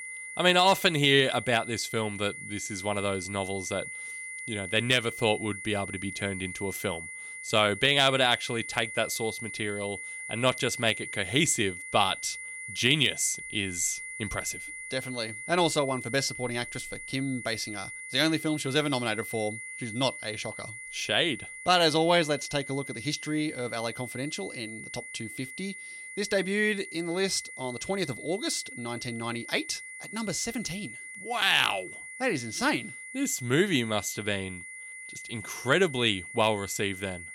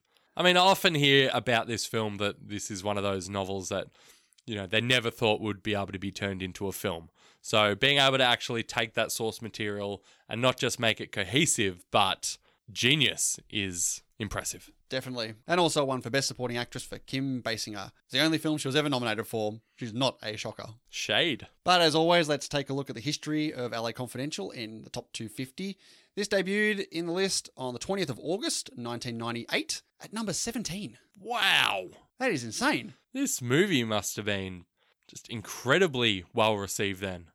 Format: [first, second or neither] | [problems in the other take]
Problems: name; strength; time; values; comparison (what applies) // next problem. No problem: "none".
second | high-pitched whine; noticeable; throughout; 2 kHz, 10 dB below the speech